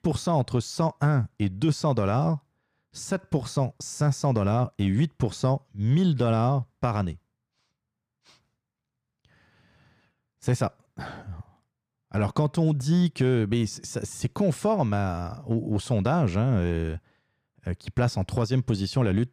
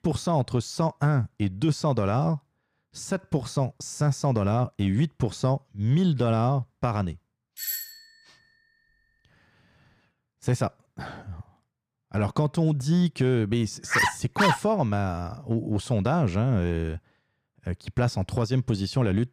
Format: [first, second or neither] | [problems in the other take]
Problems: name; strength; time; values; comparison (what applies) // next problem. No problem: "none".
first | doorbell; noticeable; at 7.5 s; peak 4 dB below the speech // dog barking; loud; at 14 s; peak 3 dB above the speech